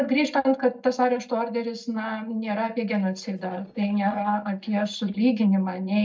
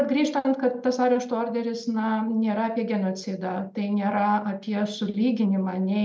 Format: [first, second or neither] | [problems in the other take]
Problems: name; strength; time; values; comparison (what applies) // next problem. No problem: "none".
second | noise reduction (neural mask model DeepFilterNet 3)